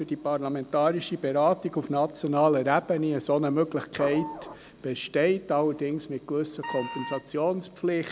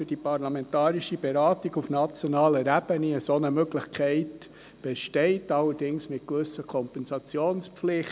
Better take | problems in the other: second | background sound (Wind instrument, woodwind instrument + Printer / Engine); 12 dB below the speech

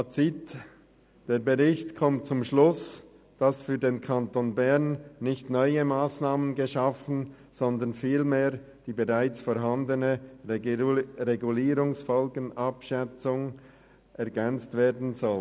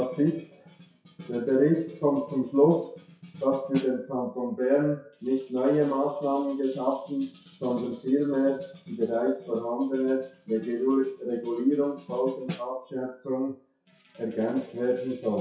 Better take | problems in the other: first | noise reduction (classical method WPE with log-MMSE)

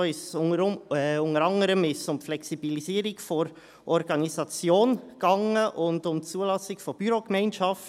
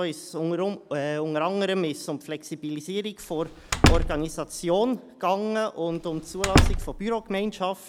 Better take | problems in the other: first | background sound (Slam); 3 dB above the speech

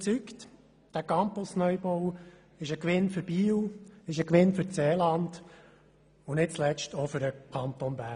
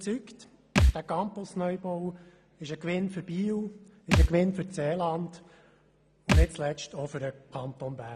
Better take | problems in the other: first | background sound (Thump, thud); 5 dB above the speech

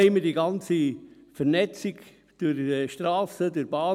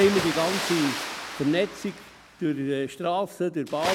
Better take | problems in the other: first | background sound (Water); 7 dB below the speech

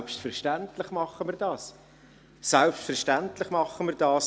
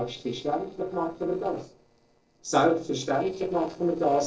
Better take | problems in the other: first | noise reduction (neural separator model SepFormer DNS4)

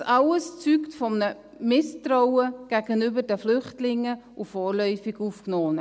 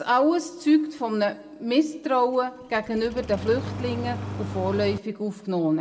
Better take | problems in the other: first | background sound (Engine starting); 9 dB below the speech // room echo; dies away in 1.7 s

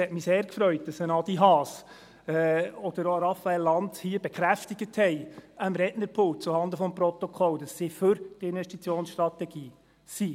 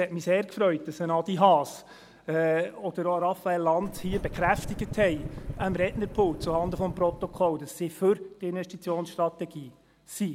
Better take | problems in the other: first | background sound (Engine starting / Car); 9 dB below the speech

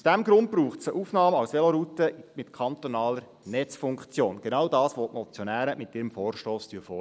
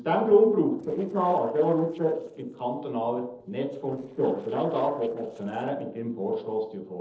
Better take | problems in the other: first | noise reduction (neural separator model SepFormer DNS4)

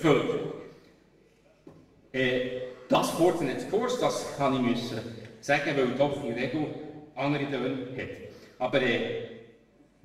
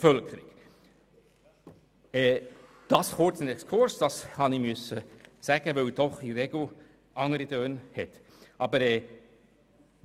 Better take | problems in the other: second | room echo; dies away in 1.1 s

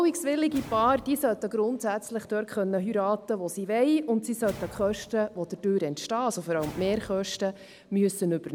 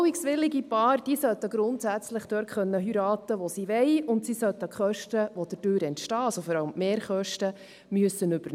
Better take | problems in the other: second | background sound (Whoosh, swoosh, swish); 20 dB below the speech

